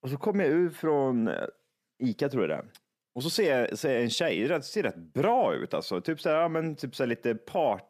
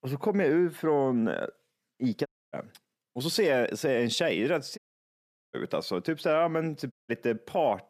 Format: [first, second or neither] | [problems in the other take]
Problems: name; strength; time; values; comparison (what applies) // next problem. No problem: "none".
first | audio cutting out; at 2.5 s, at 5 s for 1 s and at 7 s